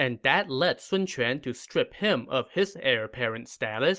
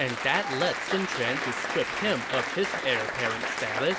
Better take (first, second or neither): first